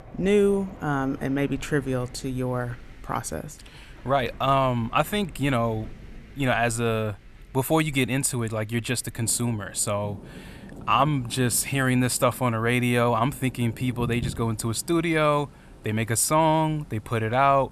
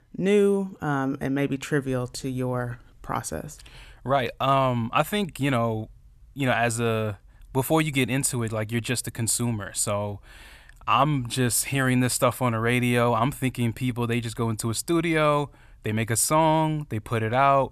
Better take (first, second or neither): second